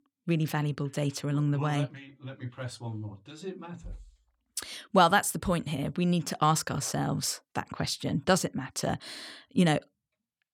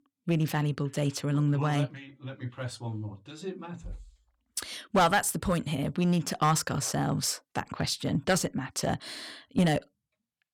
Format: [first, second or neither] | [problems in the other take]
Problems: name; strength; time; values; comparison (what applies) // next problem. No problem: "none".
first | distortion; slight; 2% of the sound clipped